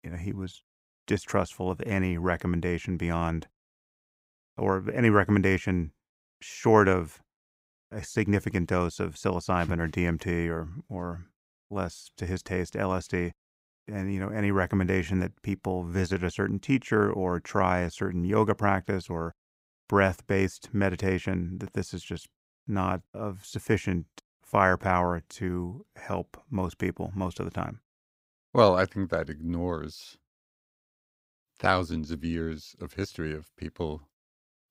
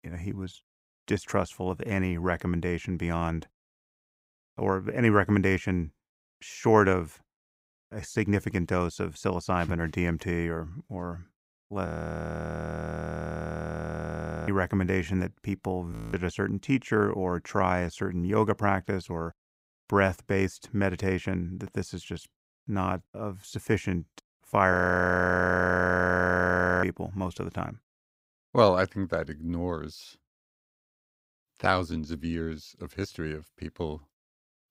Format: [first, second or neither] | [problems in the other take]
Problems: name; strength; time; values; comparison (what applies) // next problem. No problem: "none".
first | audio freezing; at 12 s for 2.5 s, at 16 s and at 25 s for 2 s